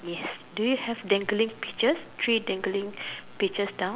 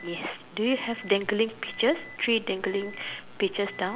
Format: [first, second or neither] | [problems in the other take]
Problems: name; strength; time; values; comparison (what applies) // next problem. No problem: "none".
first | background sound (Alarm); 19 dB below the speech